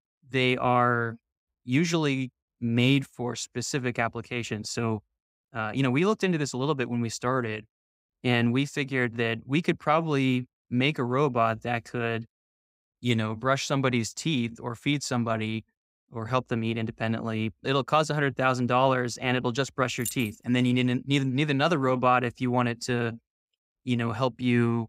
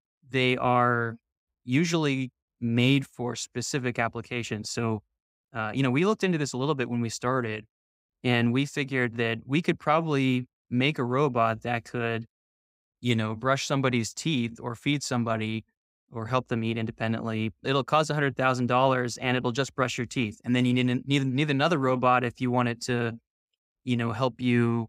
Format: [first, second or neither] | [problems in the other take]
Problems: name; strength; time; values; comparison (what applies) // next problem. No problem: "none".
second | jangling keys; noticeable; at 20 s; peak 8 dB below the speech